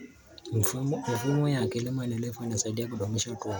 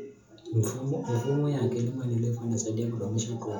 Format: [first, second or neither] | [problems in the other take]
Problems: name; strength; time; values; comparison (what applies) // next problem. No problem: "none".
first | room echo; dies away in 0.6 s